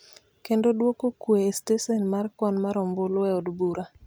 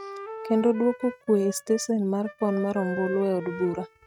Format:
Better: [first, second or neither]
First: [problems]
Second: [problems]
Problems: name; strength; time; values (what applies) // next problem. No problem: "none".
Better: first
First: none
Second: noise reduction (neural mask model RNNoise)